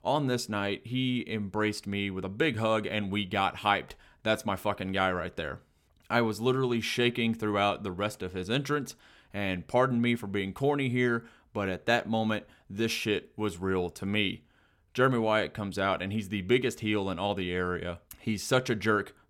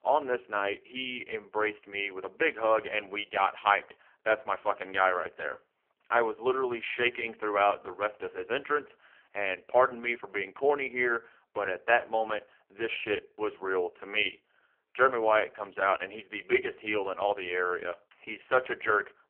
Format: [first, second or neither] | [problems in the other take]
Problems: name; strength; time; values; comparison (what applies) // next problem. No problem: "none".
first | phone-call audio; poor line; nothing above 3 kHz